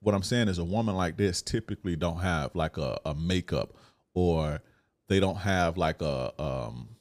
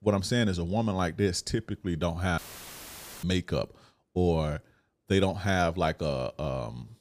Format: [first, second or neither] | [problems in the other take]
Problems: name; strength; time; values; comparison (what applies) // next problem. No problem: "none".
first | audio cutting out; filled with static; at 2.5 s for 1 s